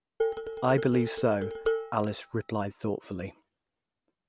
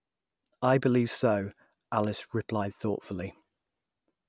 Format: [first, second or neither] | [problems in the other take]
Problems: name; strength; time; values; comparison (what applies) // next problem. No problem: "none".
second | background sound (Dishes, pots, and pans); 3 dB below the speech